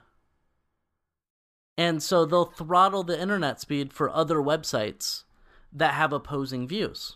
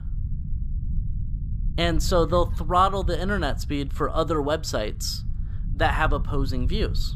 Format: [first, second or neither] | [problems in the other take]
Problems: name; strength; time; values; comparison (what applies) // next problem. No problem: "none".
first | low rumble; faint; throughout; 20 dB below the speech